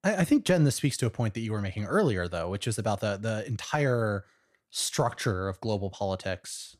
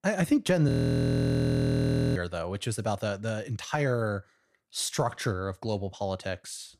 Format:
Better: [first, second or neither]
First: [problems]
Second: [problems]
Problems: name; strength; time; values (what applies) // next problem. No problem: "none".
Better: first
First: none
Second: audio freezing; at 0.5 s for 1.5 s